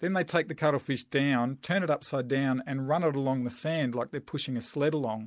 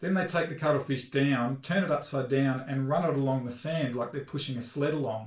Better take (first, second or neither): first